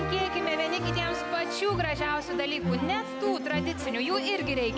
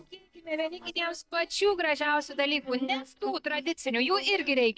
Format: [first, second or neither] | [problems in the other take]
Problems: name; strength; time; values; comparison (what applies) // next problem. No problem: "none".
first | noise reduction (neural mask model DeepFilterNet 3)